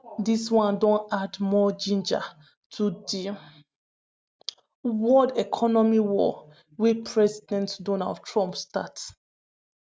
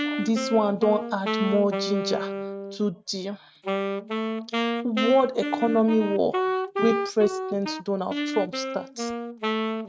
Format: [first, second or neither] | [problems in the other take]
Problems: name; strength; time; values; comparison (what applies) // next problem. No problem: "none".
first | noise reduction (neural mask model RNNoise)